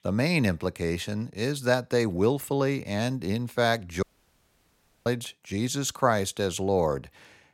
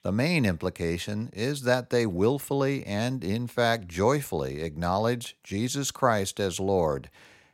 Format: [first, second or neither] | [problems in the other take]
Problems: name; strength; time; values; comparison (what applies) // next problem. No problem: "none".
second | audio cutting out; at 4 s for 1 s